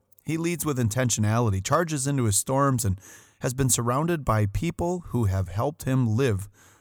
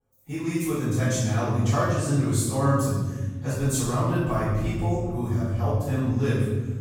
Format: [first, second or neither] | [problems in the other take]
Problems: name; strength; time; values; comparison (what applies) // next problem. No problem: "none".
first | off-mic speech; far // room echo; strong; dies away in 1.7 s